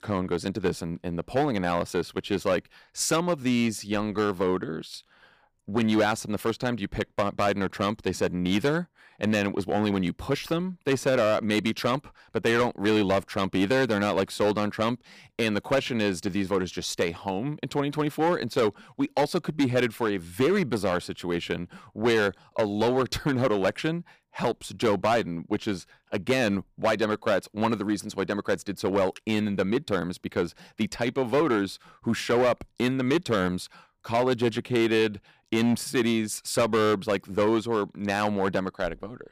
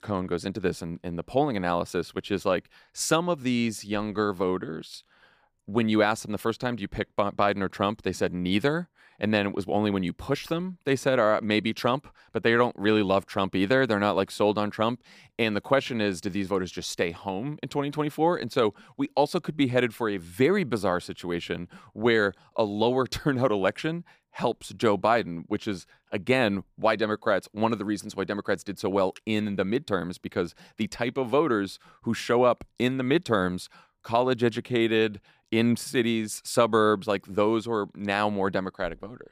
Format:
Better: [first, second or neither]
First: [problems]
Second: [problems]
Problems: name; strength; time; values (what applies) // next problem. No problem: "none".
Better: second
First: distortion; slight; 6% of the sound clipped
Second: none